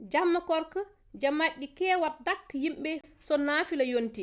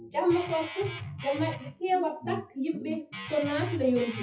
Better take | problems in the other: first | noise reduction (classical method WPE with log-MMSE)

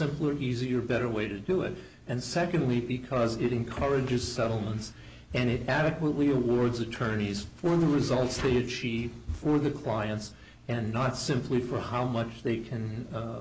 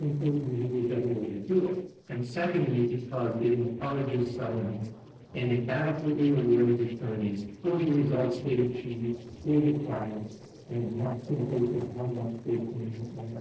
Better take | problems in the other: first | noise reduction (neural separator model SepFormer DNS4)

